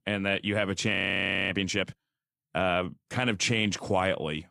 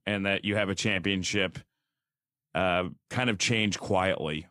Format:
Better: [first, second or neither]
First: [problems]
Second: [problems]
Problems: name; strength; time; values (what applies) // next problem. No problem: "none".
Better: second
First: audio freezing; at 1 s for 0.5 s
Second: none